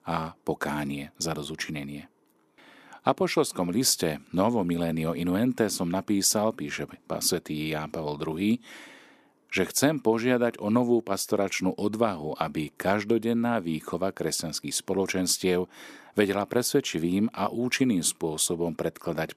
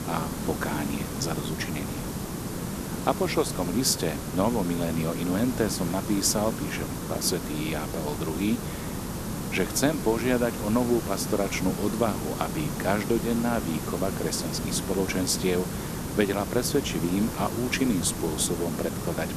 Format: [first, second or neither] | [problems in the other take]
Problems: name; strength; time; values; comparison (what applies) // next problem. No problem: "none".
first | hiss; loud; throughout; 5 dB below the speech